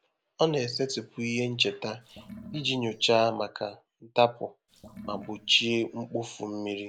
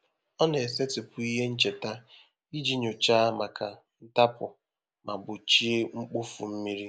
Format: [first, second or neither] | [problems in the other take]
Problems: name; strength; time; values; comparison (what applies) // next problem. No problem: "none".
second | background sound (Sink (filling or washing) / Water); 18 dB below the speech